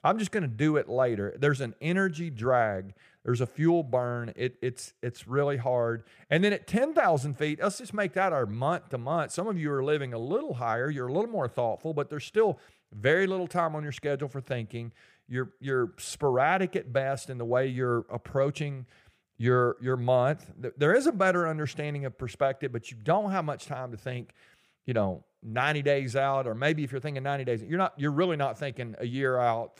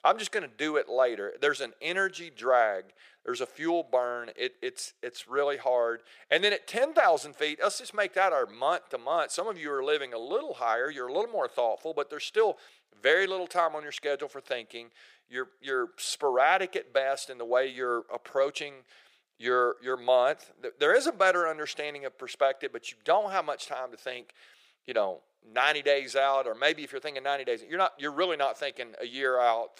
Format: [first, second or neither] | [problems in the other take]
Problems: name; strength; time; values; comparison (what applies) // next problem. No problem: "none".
first | thin; very; fading below 450 Hz